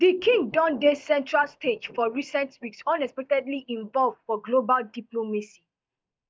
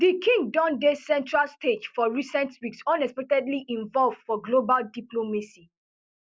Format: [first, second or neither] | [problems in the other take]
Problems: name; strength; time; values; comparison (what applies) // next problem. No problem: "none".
second | noise reduction (neural mask model DeepFilterNet 3)